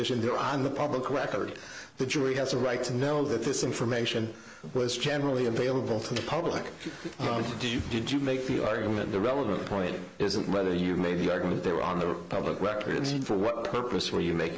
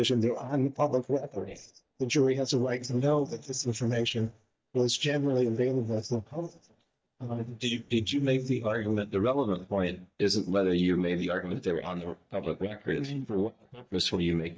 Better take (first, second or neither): first